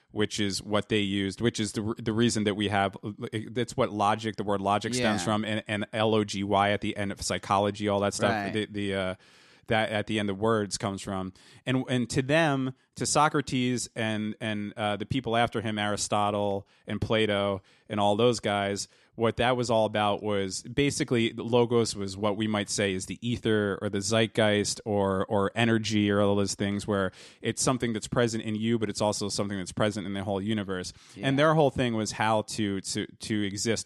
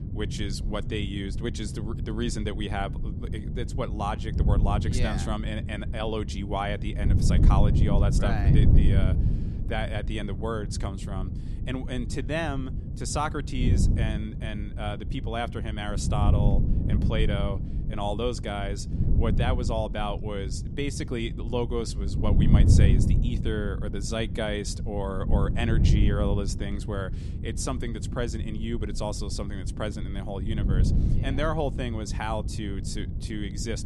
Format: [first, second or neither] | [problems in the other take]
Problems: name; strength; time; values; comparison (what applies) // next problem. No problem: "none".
first | wind noise on the microphone; heavy; 7 dB below the speech